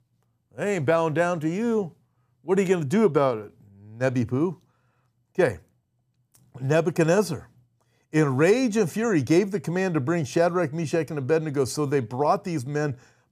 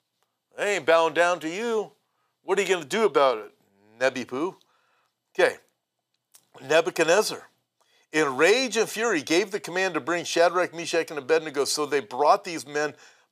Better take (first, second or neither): first